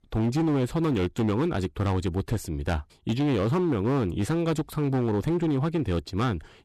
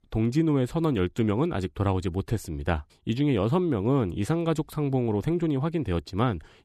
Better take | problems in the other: second | distortion; slight; 16% of the sound clipped

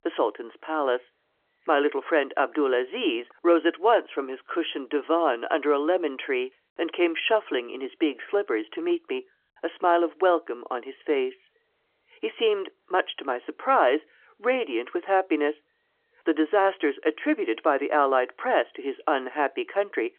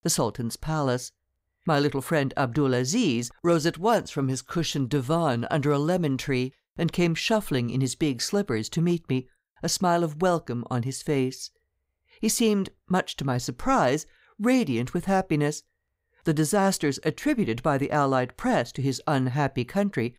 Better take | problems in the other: second | phone-call audio; nothing above 3.5 kHz

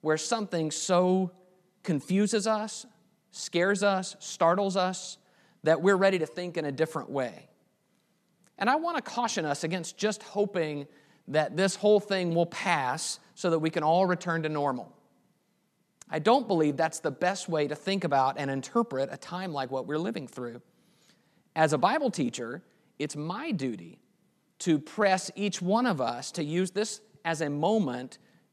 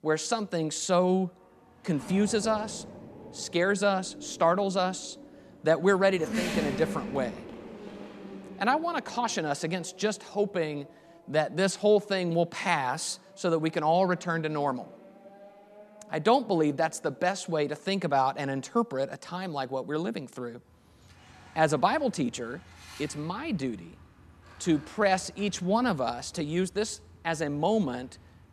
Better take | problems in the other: first | traffic noise; noticeable; throughout; 15 dB below the speech

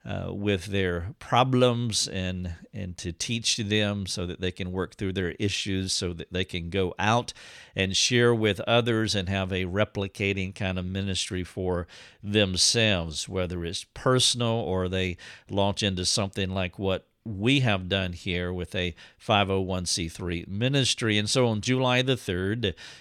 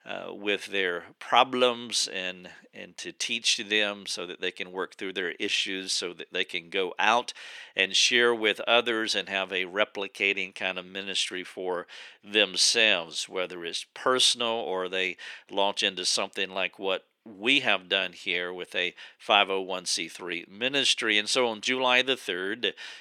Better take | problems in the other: first | thin; somewhat; fading below 300 Hz

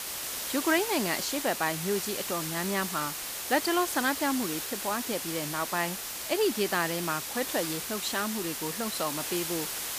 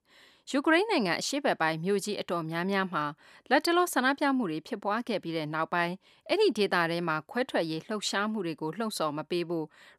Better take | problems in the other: second | hiss; loud; throughout; 2 dB below the speech

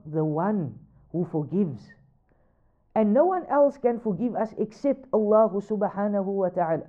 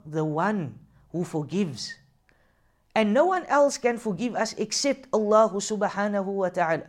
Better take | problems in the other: second | muffled; very; fading above 2 kHz

